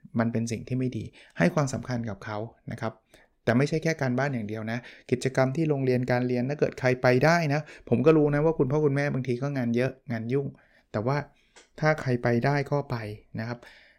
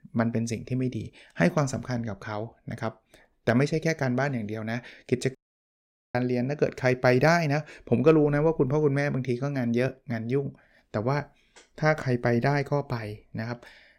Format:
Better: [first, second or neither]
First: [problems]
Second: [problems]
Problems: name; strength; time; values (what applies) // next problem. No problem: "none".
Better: first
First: none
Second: audio cutting out; at 5.5 s for 1 s